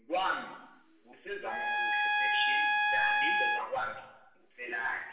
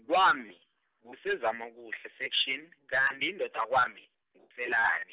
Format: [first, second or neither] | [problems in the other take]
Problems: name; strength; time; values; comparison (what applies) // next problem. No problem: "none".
second | background sound (Trumpet); 5 dB above the speech // room echo; dies away in 0.9 s